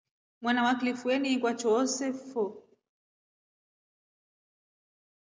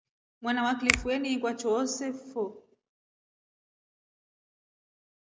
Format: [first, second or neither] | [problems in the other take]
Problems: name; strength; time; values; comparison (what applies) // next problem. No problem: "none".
first | background sound (Finger snapping); 1 dB below the speech